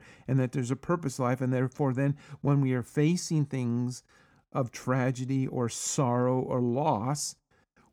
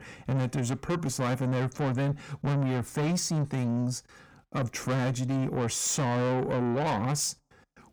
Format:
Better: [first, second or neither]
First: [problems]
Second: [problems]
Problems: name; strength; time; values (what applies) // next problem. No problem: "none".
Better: first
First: none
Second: distortion; heavy; 7 dB below the speech